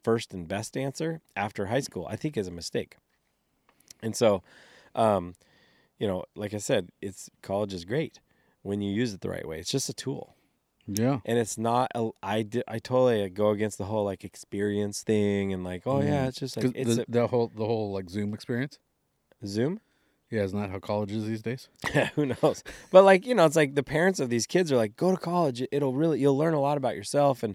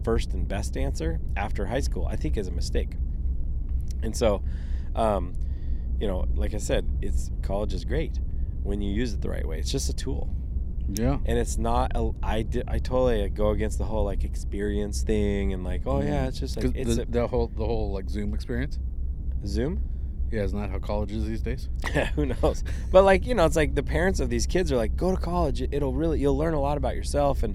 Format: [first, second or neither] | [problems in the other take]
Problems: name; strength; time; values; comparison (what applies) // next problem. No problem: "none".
first | low rumble; faint; throughout; 20 dB below the speech